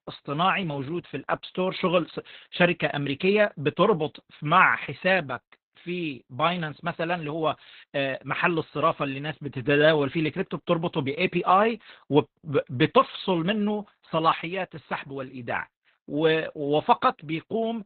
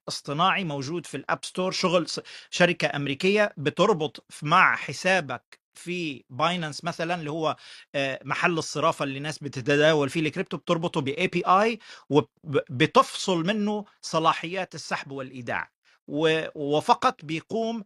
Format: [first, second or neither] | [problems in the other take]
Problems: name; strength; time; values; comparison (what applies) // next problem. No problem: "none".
second | garbled, watery; badly; nothing above 4 kHz